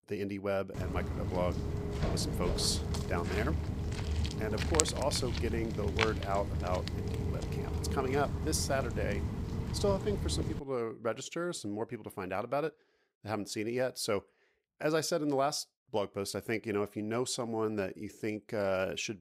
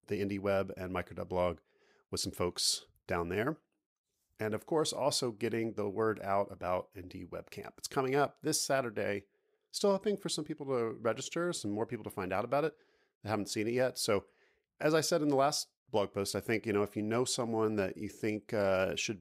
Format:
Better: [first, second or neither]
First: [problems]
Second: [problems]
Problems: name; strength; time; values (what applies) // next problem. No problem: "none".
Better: second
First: footsteps; loud; from 1 to 11 s; peak 5 dB above the speech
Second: none